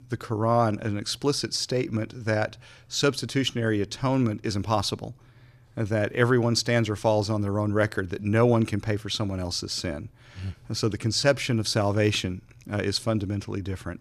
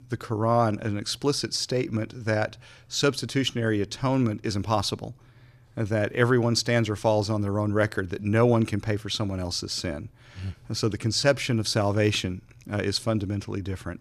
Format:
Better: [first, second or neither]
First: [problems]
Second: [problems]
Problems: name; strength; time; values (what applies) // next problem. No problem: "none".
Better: neither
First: none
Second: none